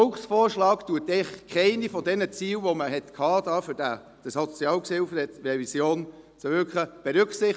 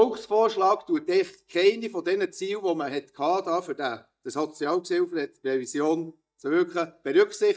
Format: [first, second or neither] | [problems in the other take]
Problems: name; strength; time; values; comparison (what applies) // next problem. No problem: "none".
first | noise reduction (neural mask model DeepFilterNet 3)